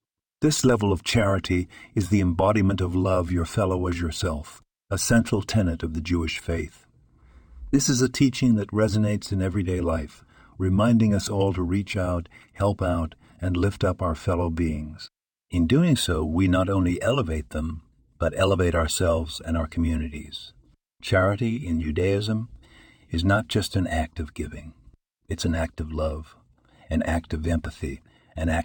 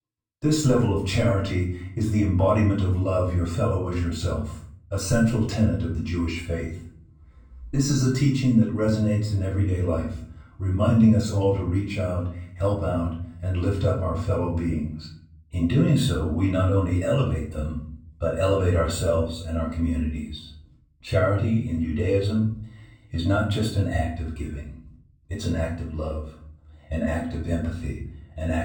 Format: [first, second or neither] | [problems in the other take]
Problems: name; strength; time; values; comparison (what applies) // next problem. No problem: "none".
first | off-mic speech; far // room echo; noticeable; dies away in 0.6 s